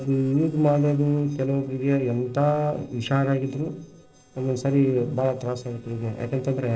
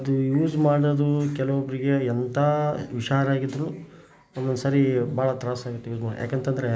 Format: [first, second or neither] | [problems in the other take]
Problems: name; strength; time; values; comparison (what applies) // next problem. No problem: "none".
second | noise reduction (neural separator model SepFormer DNS4)